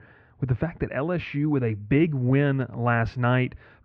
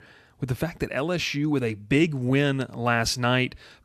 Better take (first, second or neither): second